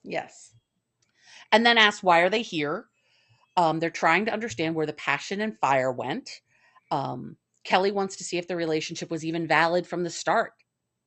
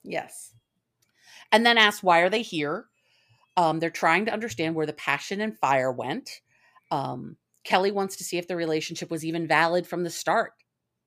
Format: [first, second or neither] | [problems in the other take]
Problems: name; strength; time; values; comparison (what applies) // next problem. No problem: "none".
second | garbled, watery; slightly; nothing above 8 kHz